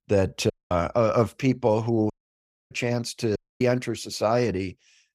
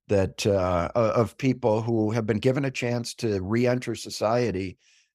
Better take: second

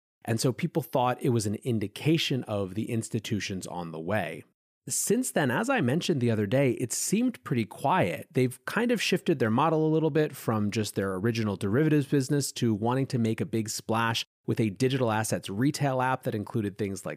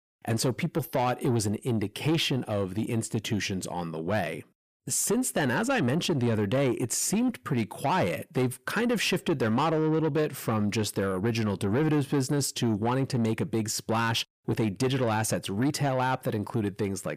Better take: first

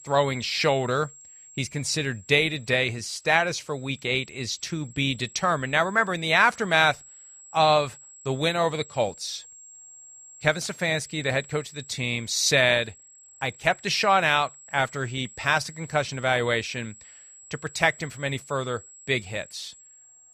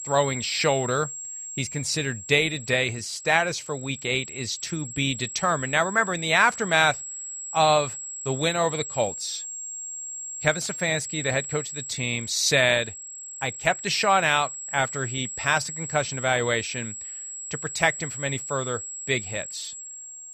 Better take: first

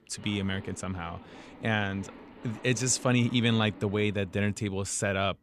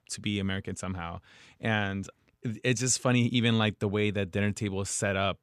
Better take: second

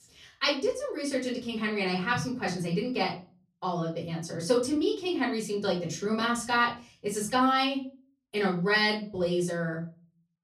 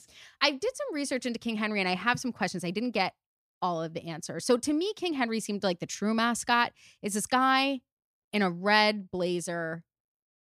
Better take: second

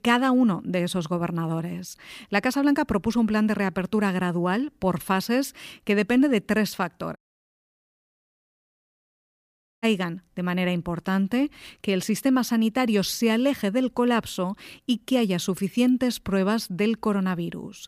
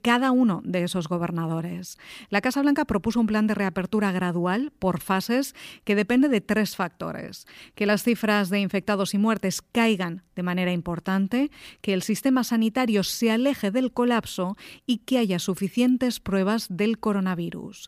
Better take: second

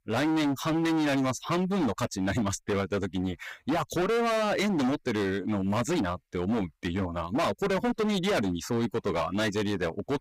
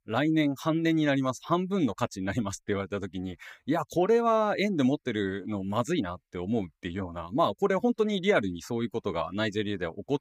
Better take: second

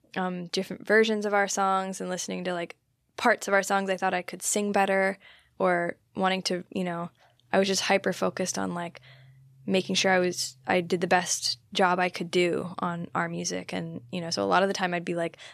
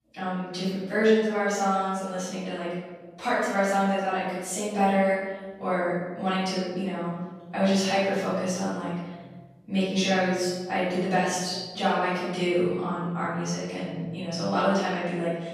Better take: first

